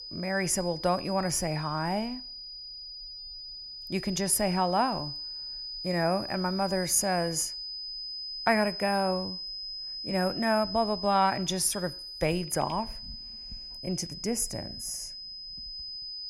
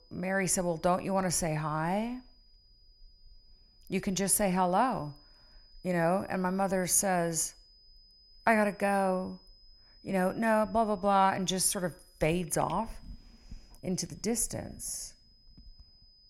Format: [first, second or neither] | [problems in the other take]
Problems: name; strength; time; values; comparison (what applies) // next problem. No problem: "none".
second | high-pitched whine; loud; throughout; 5 kHz, 8 dB below the speech; faint in the second